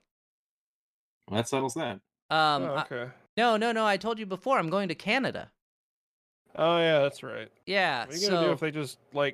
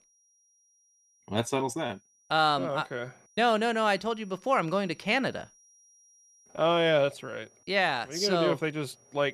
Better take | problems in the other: first | high-pitched whine; faint; throughout; 5.5 kHz, 30 dB below the speech

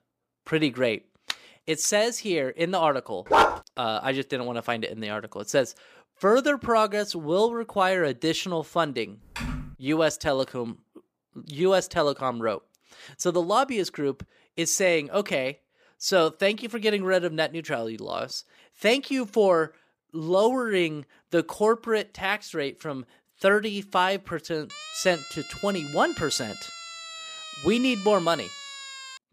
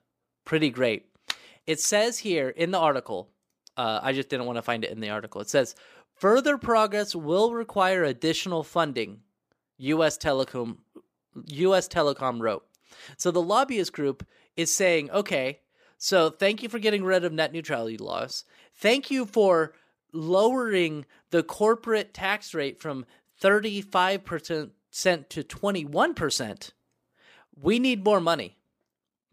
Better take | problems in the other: second | dog barking; loud; at 3.5 s; peak 6 dB above the speech // keyboard typing; noticeable; at 9.5 s; peak 8 dB below the speech // siren; faint; from 25 s on; peak 10 dB below the speech

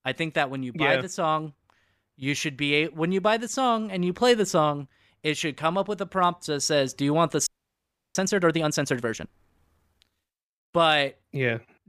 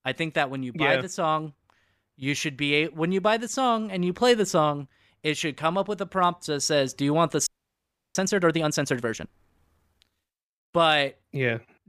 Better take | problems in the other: neither | audio freezing; at 7.5 s for 0.5 s; the same in both

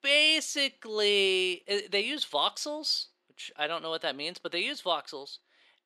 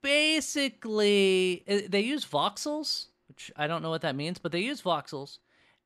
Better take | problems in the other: second | thin; somewhat; fading below 400 Hz

